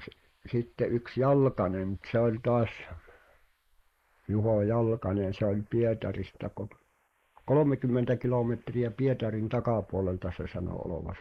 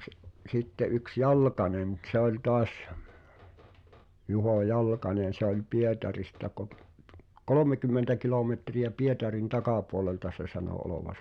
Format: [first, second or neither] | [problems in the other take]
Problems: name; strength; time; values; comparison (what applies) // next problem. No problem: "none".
second | noise reduction (neural mask model Resemble Enhance denoiser)